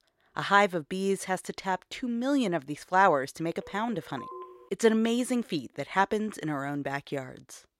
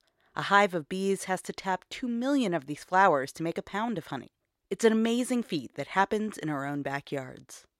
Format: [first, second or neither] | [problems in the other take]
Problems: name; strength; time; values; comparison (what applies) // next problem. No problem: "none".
second | phone ringing; faint; from 3.5 to 4.5 s; peak 15 dB below the speech